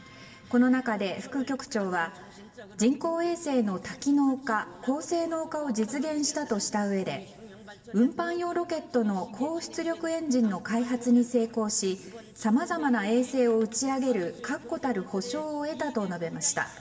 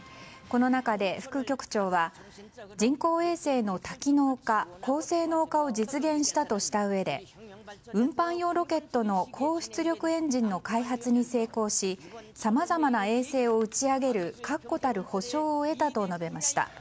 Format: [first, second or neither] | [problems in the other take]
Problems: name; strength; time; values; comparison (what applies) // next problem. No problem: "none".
second | room echo; dies away in 1.9 s